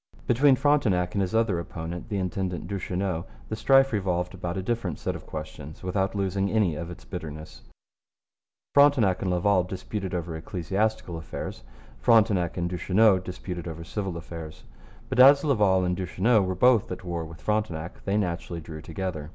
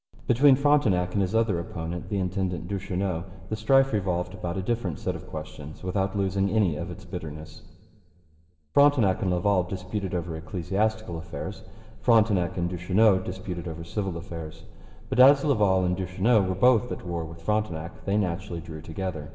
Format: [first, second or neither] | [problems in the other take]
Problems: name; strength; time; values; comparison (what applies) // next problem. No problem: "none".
first | room echo; dies away in 2 s